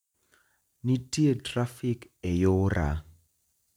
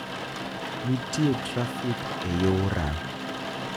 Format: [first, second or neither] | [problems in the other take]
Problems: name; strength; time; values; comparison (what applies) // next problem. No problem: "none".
first | background sound (Rain); 4 dB below the speech